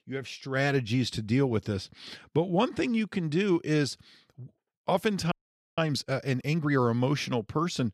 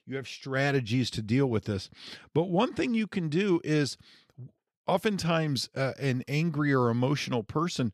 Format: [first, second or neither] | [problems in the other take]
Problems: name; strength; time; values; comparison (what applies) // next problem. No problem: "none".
second | audio freezing; at 5.5 s